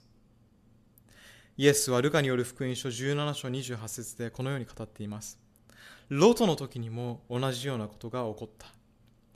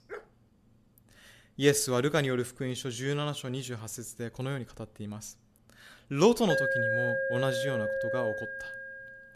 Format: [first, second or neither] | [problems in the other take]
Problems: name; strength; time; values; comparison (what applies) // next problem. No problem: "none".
first | dog barking; faint; at the start; peak 15 dB below the speech // alarm; loud; from 6.5 s on; peak 4 dB above the speech